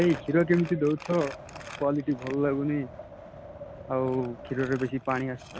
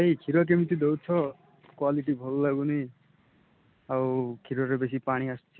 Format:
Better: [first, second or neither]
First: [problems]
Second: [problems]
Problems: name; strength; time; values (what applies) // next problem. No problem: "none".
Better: second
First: background sound (Wind + Crumpling, crinkling); 14 dB below the speech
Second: none